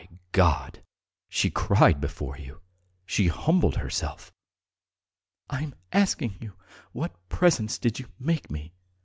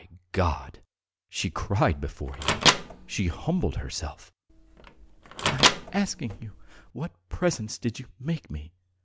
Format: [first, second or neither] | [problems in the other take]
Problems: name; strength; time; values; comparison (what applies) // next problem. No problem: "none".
first | background sound (Microwave oven); 2 dB above the speech